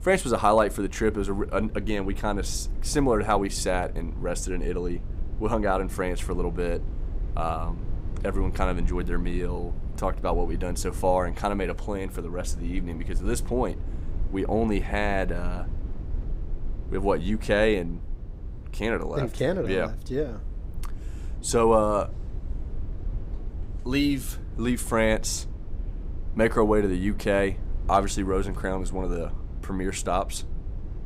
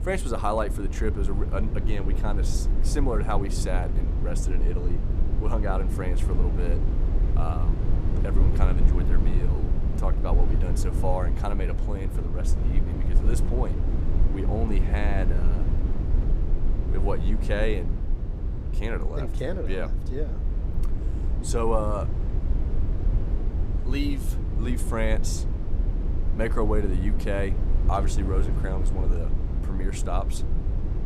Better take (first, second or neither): first